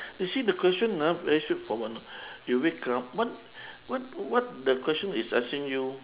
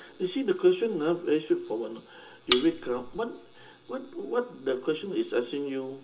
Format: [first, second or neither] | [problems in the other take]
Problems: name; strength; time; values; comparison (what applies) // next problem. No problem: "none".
first | background sound (Cutlery, silverware); 3 dB below the speech // room echo; dies away in 0.2 s